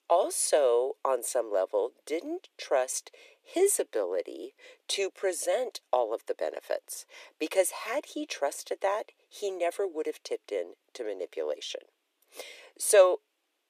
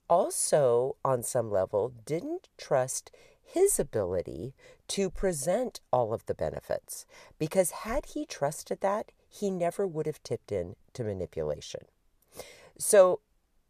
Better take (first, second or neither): second